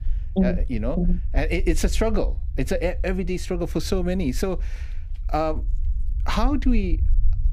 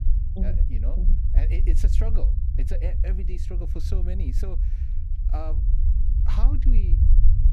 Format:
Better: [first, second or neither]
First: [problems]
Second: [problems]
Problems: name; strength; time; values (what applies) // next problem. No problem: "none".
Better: first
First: low rumble; faint; throughout; 25 dB below the speech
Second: low rumble; loud; throughout; 3 dB below the speech